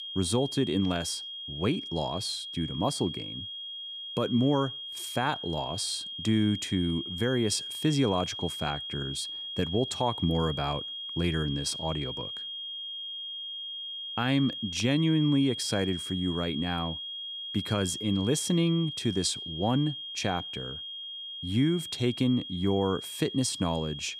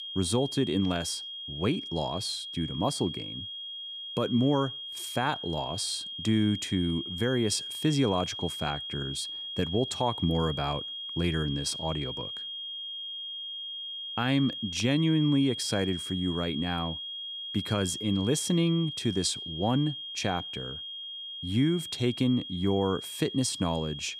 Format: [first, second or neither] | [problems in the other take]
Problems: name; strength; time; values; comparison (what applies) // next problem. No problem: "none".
neither | high-pitched whine; loud; throughout; 3.5 kHz, 6 dB below the speech; the same in both